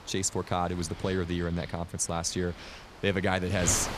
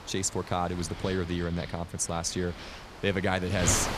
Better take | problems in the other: first | wind noise on the microphone; heavy; 9 dB below the speech; occasional gusts in the first

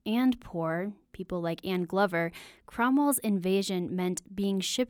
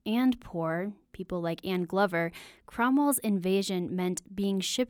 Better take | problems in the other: neither | none

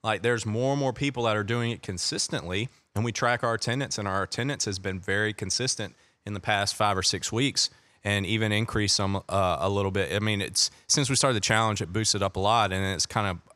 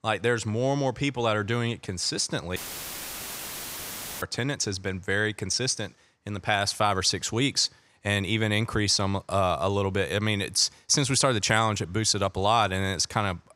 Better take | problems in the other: first | audio cutting out; filled with static; at 2.5 s for 1.5 s

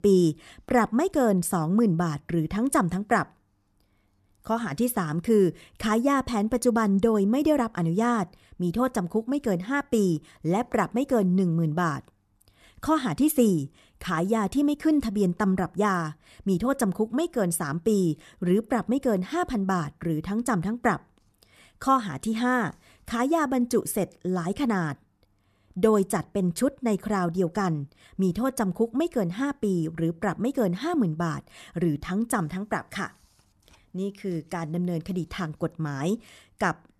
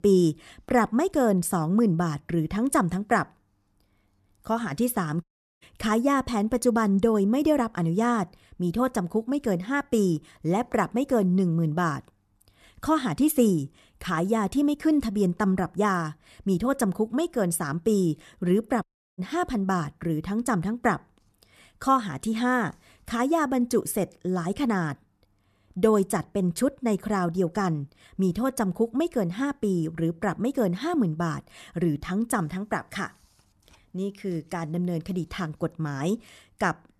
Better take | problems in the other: first | audio cutting out; at 5 s and at 19 s

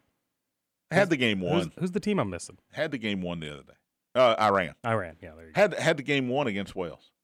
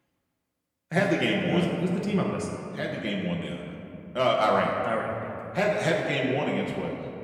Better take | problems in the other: first | room echo; noticeable; dies away in 2.4 s // off-mic speech; somewhat distant

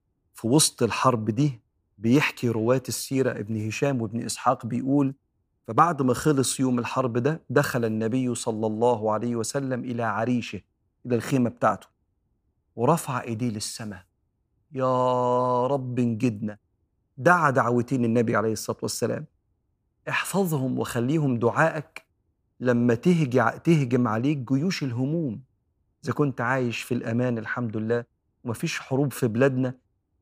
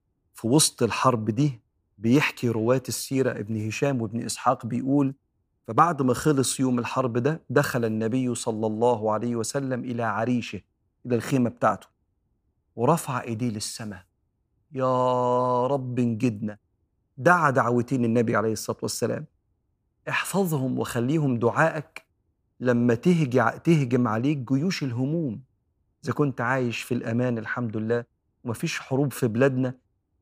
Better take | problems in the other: neither | none

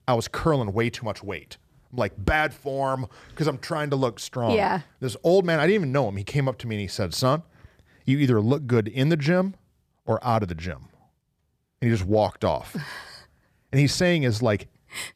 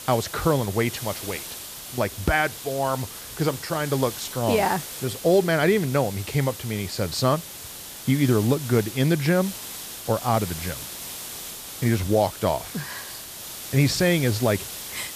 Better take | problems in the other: first | hiss; noticeable; throughout; 10 dB below the speech

